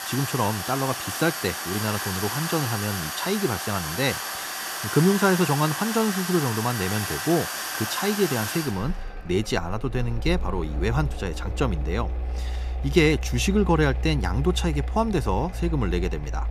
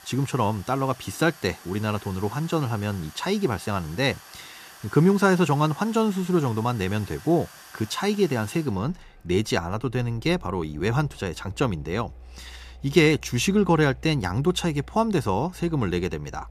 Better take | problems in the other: second | machinery noise; loud; throughout; 4 dB below the speech; faint in the second

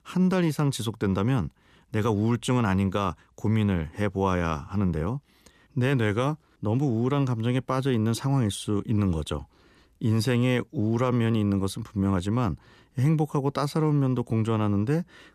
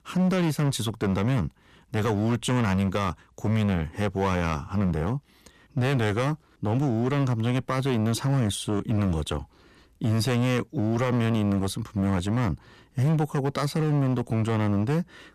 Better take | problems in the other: first | distortion; slight; 12% of the sound clipped

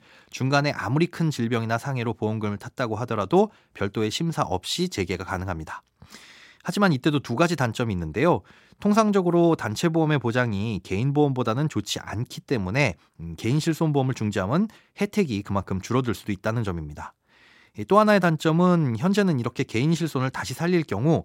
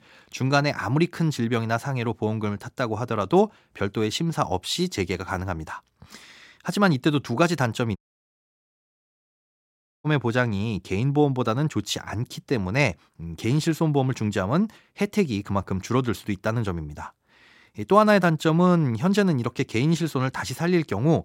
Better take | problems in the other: first | audio cutting out; at 8 s for 2 s

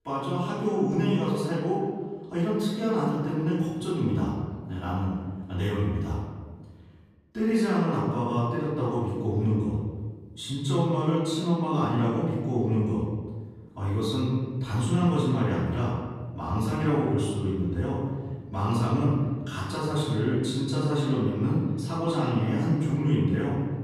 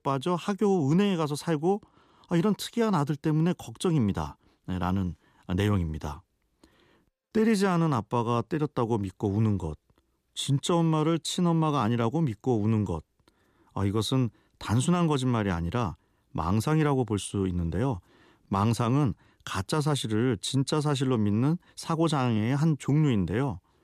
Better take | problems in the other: second | off-mic speech; far // room echo; strong; dies away in 1.5 s

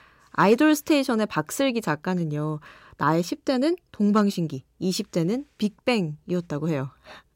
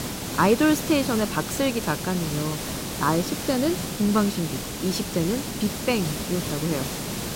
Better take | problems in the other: first | hiss; loud; throughout; 5 dB below the speech

